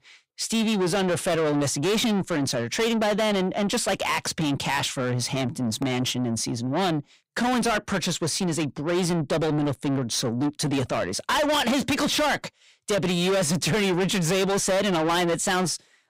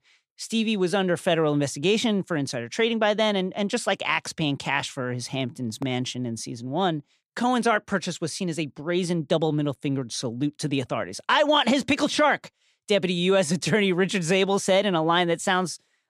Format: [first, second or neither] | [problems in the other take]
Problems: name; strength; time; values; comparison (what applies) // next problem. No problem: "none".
second | distortion; heavy; 6 dB below the speech